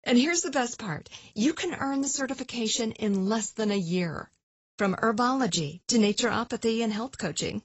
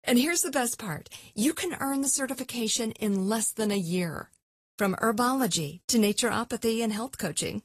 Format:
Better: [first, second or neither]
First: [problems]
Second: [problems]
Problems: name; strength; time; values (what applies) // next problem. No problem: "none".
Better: second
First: garbled, watery; badly; nothing above 7.5 kHz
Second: garbled, watery; slightly; nothing above 14.5 kHz